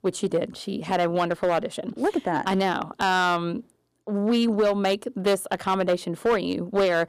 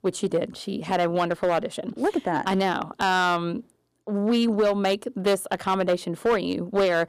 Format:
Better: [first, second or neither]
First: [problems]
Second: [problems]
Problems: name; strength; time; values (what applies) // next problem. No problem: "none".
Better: neither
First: distortion; slight; 6% of the sound clipped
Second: distortion; slight; 6% of the sound clipped